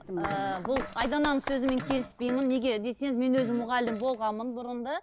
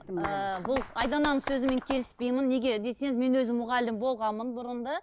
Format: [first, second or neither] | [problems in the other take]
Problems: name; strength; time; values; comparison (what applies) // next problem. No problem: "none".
second | background sound (Fart); 15 dB below the speech